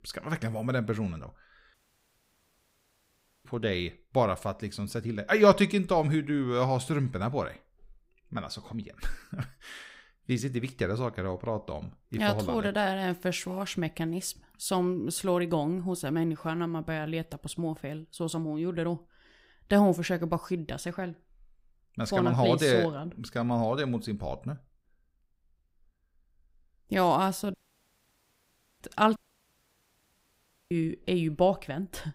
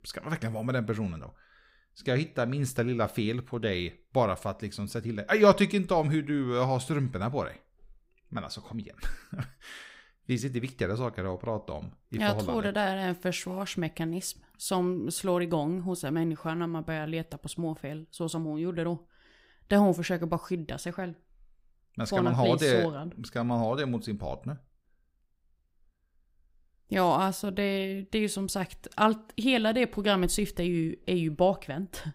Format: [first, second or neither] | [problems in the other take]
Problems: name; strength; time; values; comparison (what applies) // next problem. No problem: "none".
second | audio cutting out; at 1.5 s for 1.5 s, at 28 s for 1.5 s and at 29 s for 1.5 s